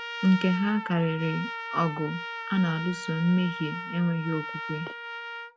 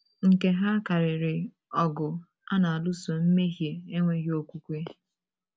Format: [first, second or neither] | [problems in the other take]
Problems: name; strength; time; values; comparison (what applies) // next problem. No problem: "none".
second | background sound (Trumpet); 9 dB below the speech